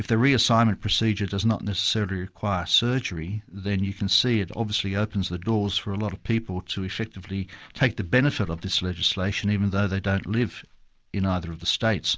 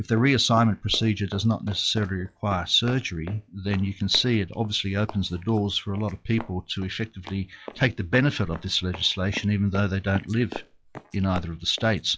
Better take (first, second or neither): first